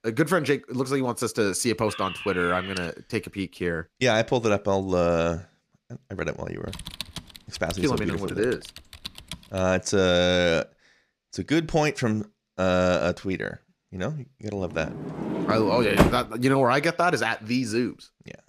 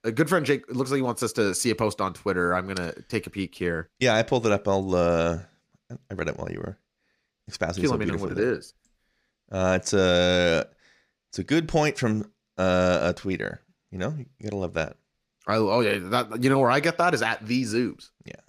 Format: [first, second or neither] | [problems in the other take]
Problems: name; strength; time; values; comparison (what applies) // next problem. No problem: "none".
second | alarm; noticeable; at 2 s; peak 9 dB below the speech // keyboard typing; faint; from 6.5 to 9.5 s; peak 10 dB below the speech // door banging; loud; at 15 s; peak 4 dB above the speech